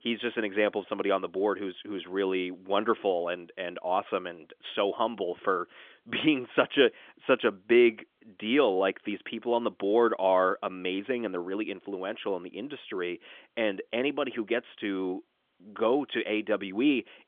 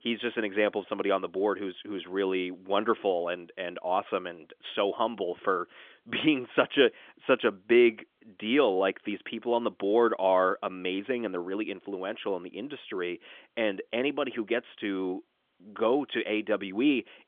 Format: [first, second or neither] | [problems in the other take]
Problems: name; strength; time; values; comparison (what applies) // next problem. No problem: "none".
neither | phone-call audio; nothing above 3.5 kHz; the same in both